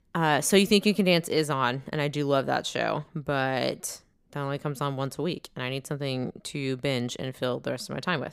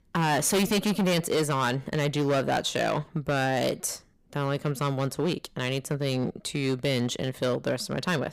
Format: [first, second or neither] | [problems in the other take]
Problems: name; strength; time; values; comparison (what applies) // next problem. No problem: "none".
first | distortion; heavy; 12% of the sound clipped